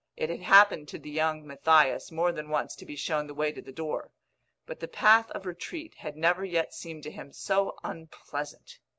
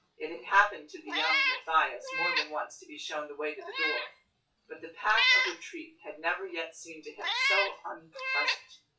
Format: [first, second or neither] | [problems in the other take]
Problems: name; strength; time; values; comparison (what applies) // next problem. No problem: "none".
first | noise reduction (classical method WPE with log-MMSE)